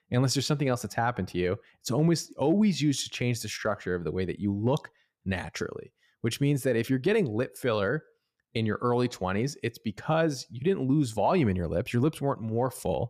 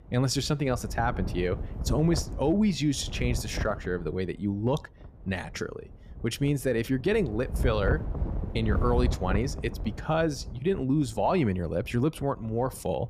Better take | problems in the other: first | wind noise on the microphone; occasional gusts; 15 dB below the speech

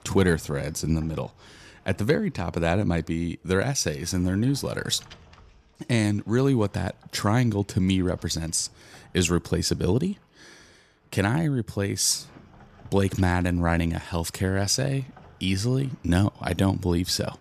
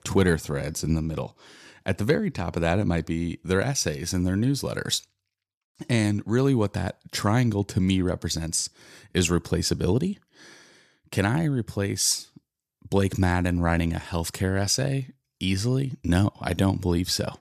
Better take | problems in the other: second | household noises; faint; throughout; 30 dB below the speech

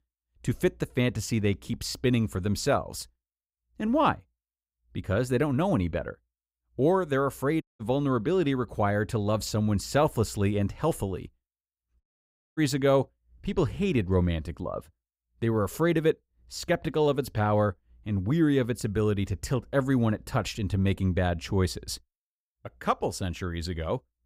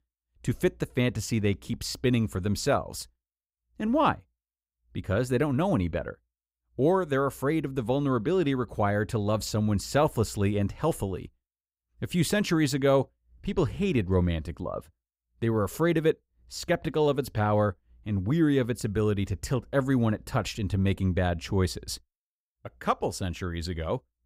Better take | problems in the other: second | audio cutting out; at 7.5 s and at 12 s for 0.5 s

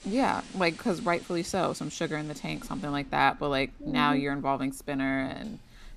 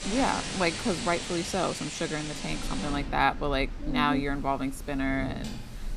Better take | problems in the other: first | rain or running water; loud; throughout; 7 dB below the speech; faint in the first

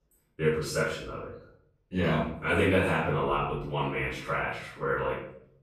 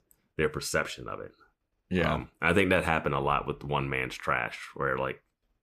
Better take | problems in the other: second | off-mic speech; far // room echo; noticeable; dies away in 0.5 s

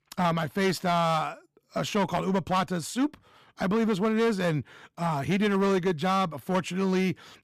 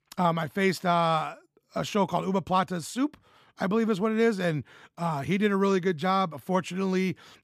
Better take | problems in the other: second | distortion; slight; 9% of the sound clipped

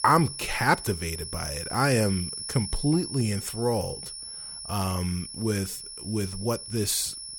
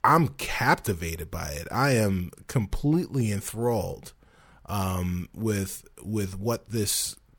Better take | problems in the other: second | high-pitched whine; loud; throughout; 5.5 kHz, 8 dB below the speech

